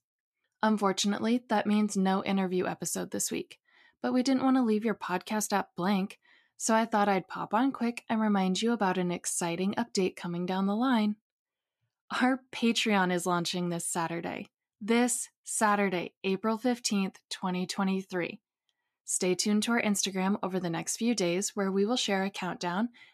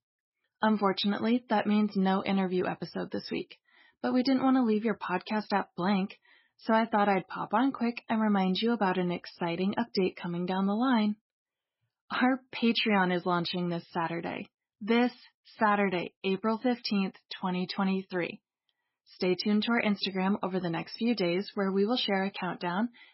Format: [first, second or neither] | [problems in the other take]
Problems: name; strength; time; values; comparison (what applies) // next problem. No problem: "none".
first | garbled, watery; badly; nothing above 5.5 kHz